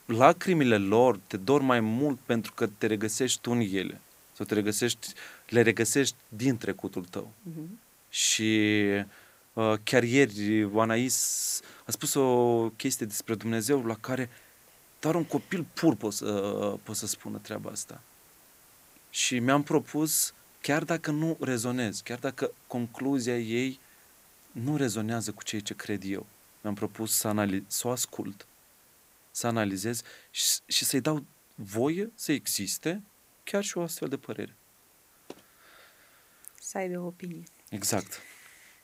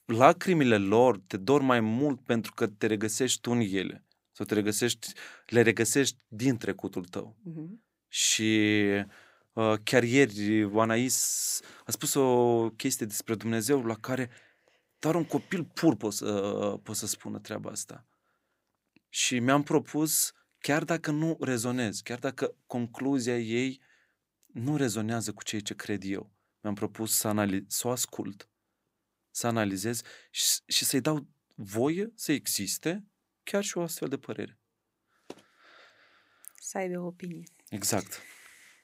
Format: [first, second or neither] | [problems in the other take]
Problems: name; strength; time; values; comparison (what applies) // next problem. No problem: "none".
second | hiss; faint; throughout; 30 dB below the speech